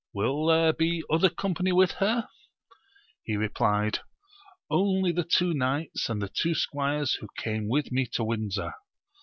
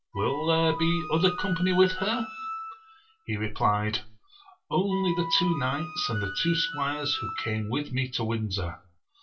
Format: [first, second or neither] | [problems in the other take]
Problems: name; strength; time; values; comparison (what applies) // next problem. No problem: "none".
first | background sound (Wind instrument, woodwind instrument); 10 dB below the speech // room echo; dies away in 0.2 s